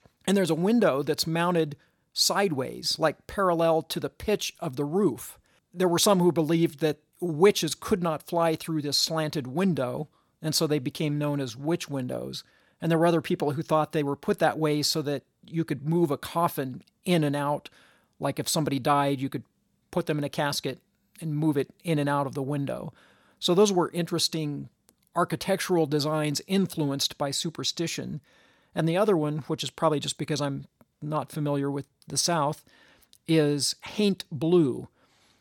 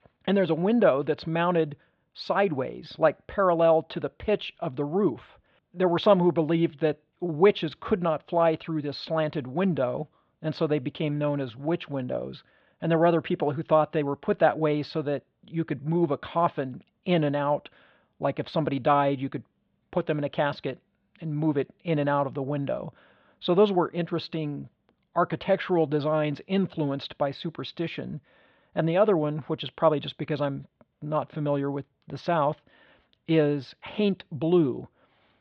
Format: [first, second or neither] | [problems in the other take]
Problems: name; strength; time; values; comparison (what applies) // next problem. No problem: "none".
first | muffled; very; fading above 3.5 kHz